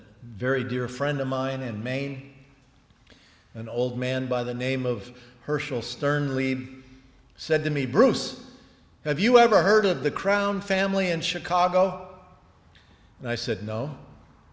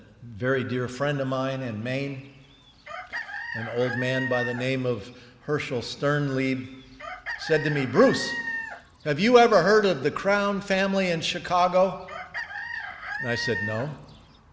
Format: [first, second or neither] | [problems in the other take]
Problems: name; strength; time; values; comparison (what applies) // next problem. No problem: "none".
first | background sound (Chicken, rooster); 10 dB below the speech